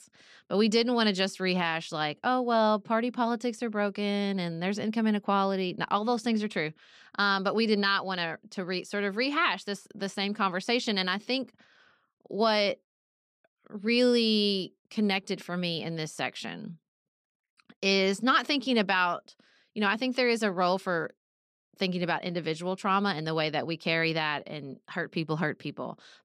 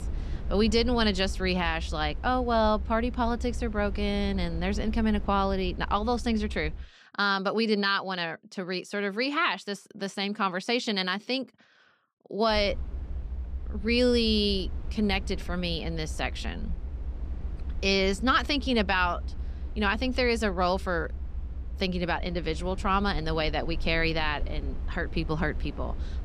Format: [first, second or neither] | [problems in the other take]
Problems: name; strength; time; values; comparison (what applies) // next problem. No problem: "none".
first | low rumble; faint; until 7 s and from 13 s on; 25 dB below the speech